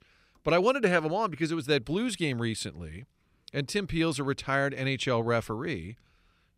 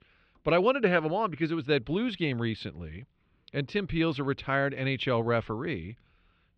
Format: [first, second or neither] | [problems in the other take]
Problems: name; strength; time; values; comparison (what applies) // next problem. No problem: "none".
first | muffled; slightly; fading above 3.5 kHz